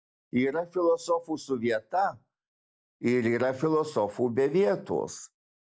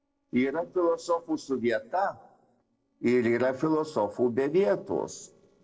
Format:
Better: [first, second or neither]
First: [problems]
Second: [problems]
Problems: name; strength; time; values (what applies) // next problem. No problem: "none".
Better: first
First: none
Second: noise reduction (neural separator model SepFormer DNS4)